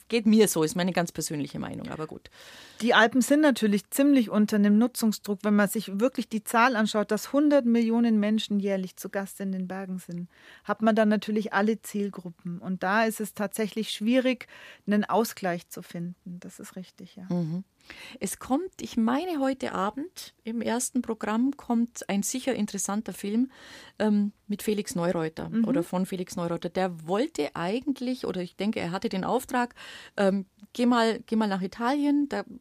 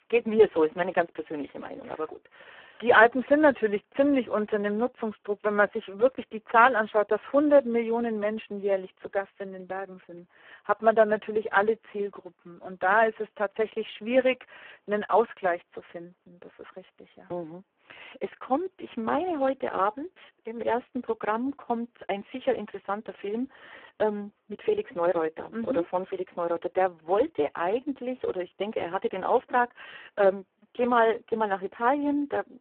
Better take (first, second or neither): first